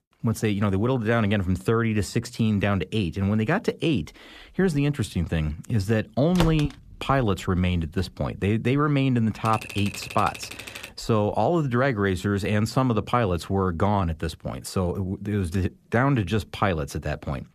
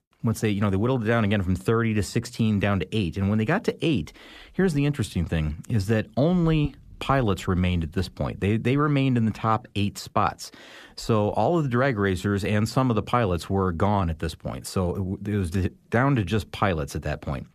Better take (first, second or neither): second